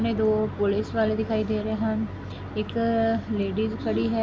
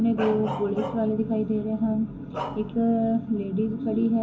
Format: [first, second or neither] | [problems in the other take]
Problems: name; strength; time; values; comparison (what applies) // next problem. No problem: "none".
first | background sound (Bark); 14 dB below the speech // room echo; dies away in 0.3 s